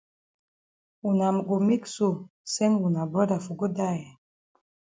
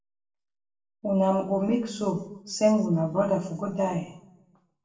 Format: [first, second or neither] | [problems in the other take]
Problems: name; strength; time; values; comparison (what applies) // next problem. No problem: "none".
first | room echo; dies away in 0.7 s